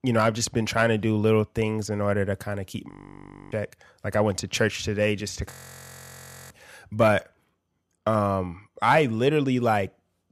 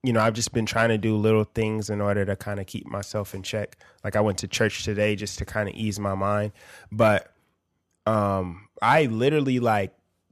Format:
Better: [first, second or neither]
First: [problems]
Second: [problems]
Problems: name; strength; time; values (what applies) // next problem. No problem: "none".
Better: second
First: audio freezing; at 3 s for 0.5 s and at 5.5 s for 1 s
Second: none